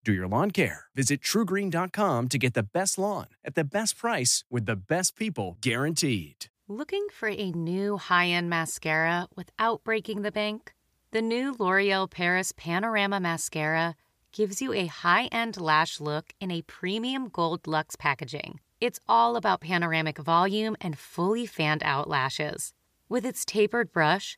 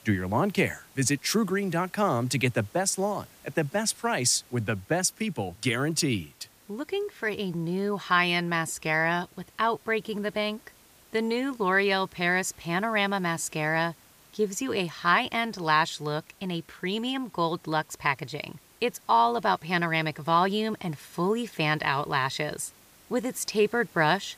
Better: first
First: none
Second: hiss; faint; throughout; 25 dB below the speech

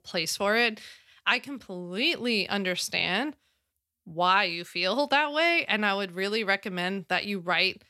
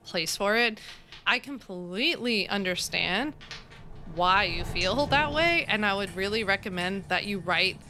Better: first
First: none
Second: rain or running water; noticeable; throughout; 15 dB below the speech

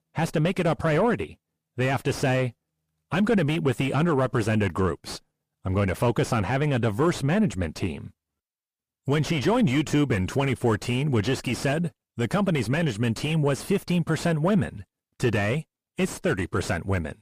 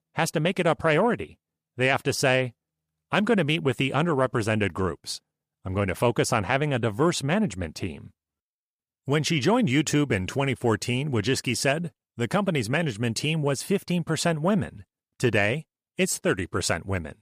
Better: second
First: distortion; heavy; 7 dB below the speech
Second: none

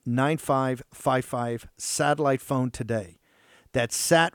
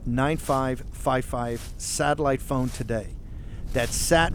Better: first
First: none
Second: wind noise on the microphone; occasional gusts; 20 dB below the speech

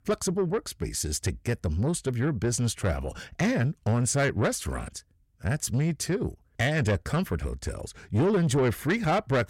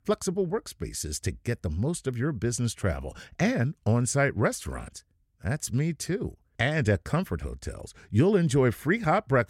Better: second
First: distortion; slight; 10 dB below the speech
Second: none

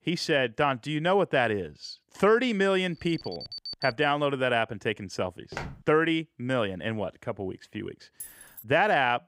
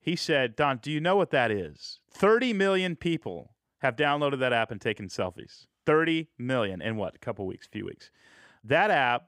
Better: second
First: alarm; noticeable; from 3 to 4 s; peak 9 dB below the speech // footsteps; faint; at 5.5 s; peak 10 dB below the speech // jangling keys; faint; at 8 s; peak 15 dB below the speech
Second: none

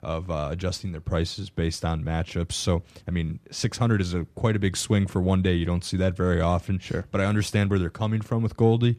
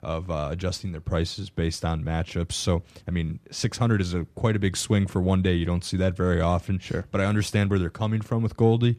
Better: neither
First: none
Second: none

